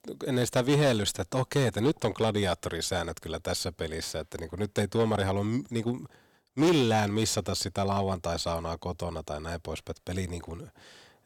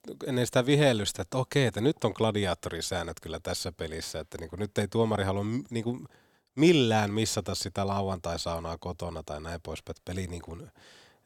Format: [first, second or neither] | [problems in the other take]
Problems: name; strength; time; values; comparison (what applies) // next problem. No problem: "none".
second | distortion; slight; 3% of the sound clipped